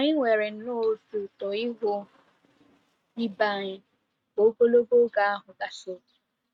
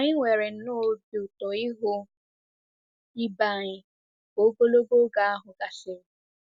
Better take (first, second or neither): second